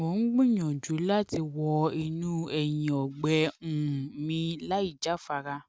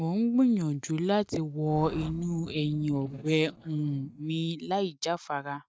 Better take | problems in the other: first | noise reduction (neural mask model DeepFilterNet 3)

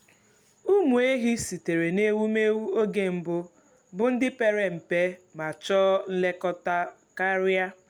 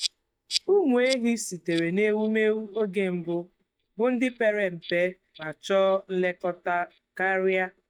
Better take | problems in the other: first | noise reduction (neural mask model DeepFilterNet 3)

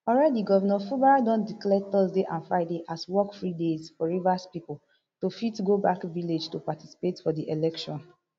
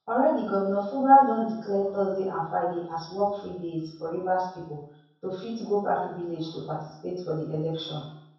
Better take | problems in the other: first | room echo; dies away in 0.7 s

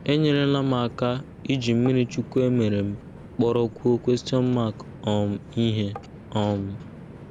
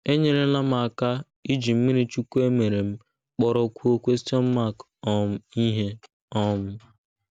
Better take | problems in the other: second | background sound (Tap + Train); 17 dB below the speech

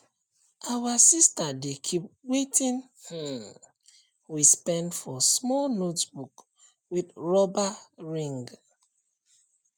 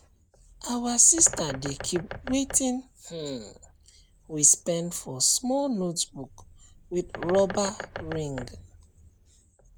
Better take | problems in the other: first | background sound (Bird); 15 dB below the speech

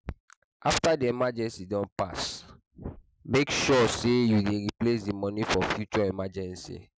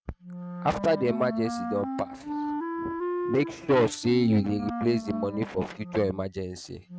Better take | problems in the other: first | noise reduction (neural mask model RNNoise)

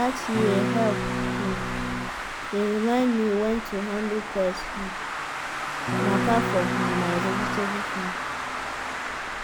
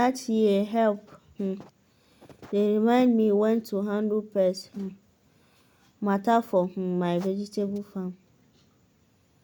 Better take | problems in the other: second | background sound (Electric guitar / Strum + Traffic noise, roadway noise); as loud as the speech

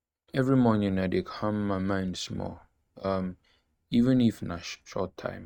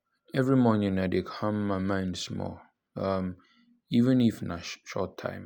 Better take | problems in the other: second | noise reduction (neural mask model RNNoise)

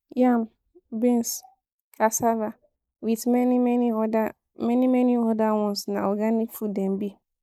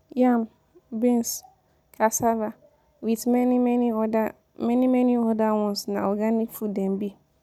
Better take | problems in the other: second | noise reduction (neural mask model Resemble Enhance denoiser)

